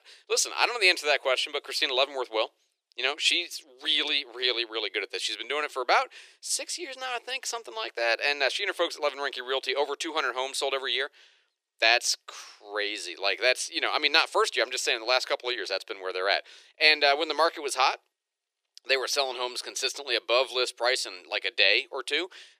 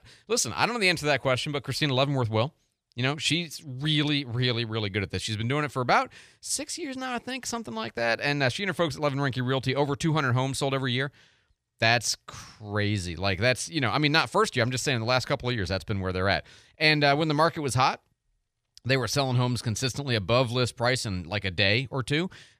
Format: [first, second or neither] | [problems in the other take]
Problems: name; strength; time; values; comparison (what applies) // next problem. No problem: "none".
second | thin; very; fading below 350 Hz